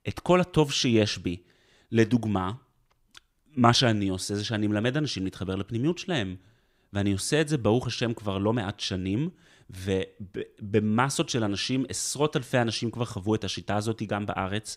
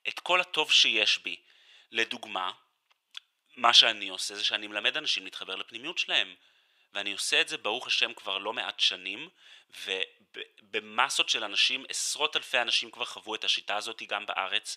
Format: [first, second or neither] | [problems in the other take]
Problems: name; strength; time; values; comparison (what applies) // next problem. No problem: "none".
first | thin; very; fading below 800 Hz